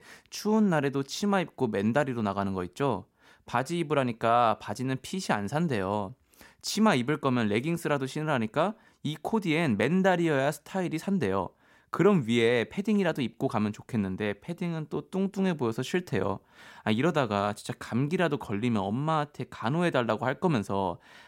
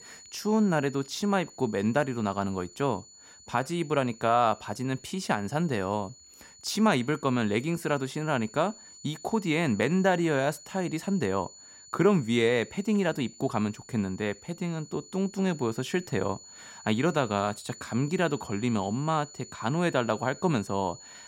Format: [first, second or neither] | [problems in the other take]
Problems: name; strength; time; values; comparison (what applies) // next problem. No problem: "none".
first | high-pitched whine; noticeable; throughout; 7 kHz, 20 dB below the speech